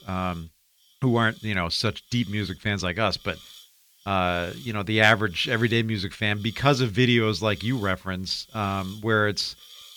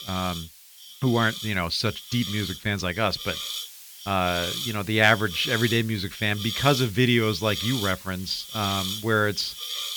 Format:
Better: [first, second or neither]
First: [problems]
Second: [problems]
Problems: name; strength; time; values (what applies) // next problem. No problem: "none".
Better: first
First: hiss; faint; throughout; 25 dB below the speech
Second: hiss; loud; throughout; 8 dB below the speech